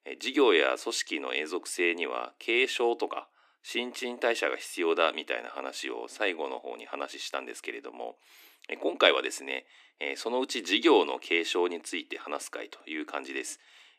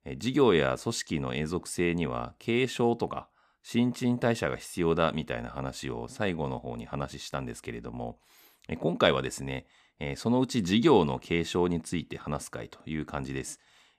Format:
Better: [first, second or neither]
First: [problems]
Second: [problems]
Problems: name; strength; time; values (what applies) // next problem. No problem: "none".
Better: second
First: thin; somewhat; fading below 300 Hz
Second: none